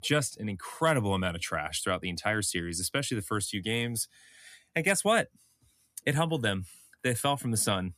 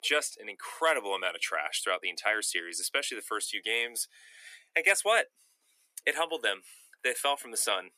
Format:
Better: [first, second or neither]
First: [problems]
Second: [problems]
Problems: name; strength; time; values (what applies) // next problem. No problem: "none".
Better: first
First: none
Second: thin; very; fading below 400 Hz